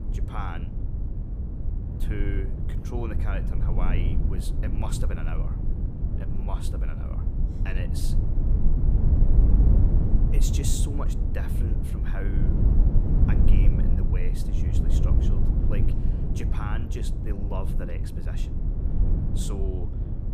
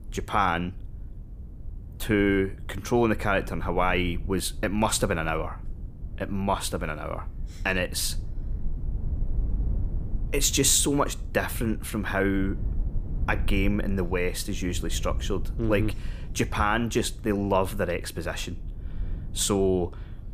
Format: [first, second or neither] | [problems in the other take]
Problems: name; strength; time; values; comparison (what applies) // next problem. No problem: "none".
second | low rumble; loud; throughout; as loud as the speech; faint in the second